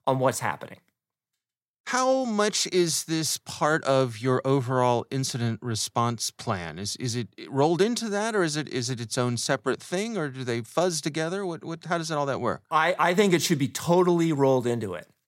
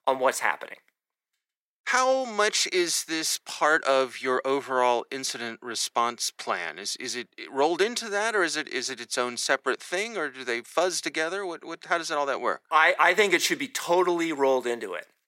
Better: first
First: none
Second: thin; somewhat; fading below 350 Hz

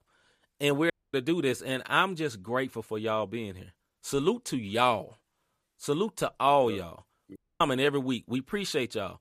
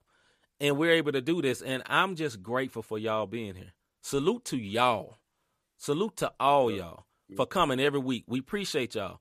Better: second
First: audio cutting out; at 1 s and at 7.5 s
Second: none

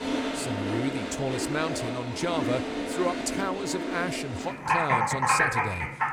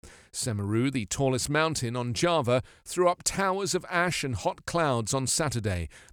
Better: second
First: household noises; very loud; throughout; 3 dB above the speech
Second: none

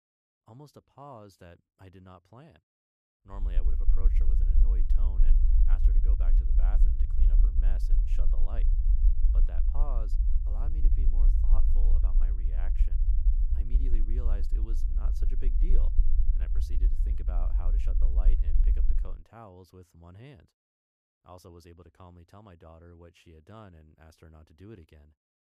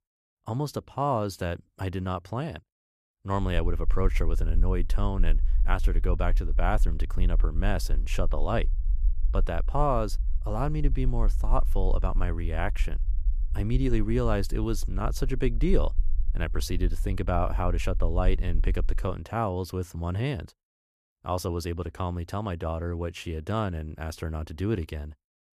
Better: second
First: low rumble; loud; from 3.5 to 19 s; 2 dB below the speech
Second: low rumble; faint; from 3.5 to 19 s; 25 dB below the speech

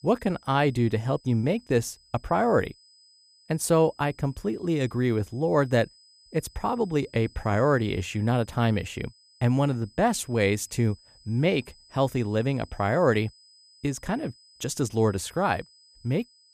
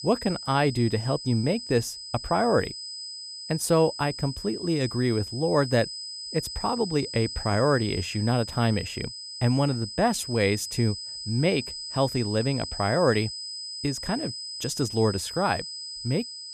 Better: first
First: high-pitched whine; faint; throughout; 5 kHz, 30 dB below the speech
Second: high-pitched whine; loud; throughout; 5 kHz, 8 dB below the speech

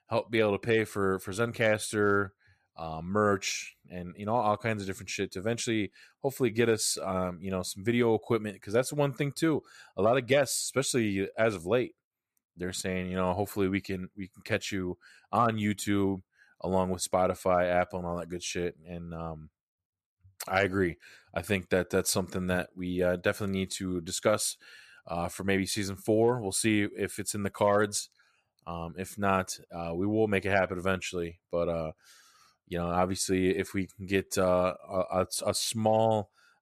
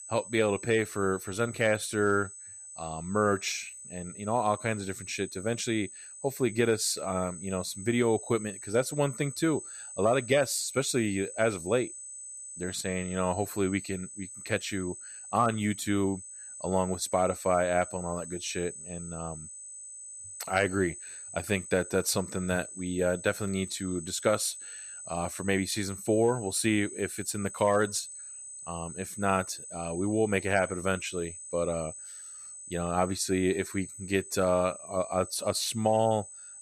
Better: first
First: none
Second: high-pitched whine; noticeable; throughout; 8 kHz, 10 dB below the speech

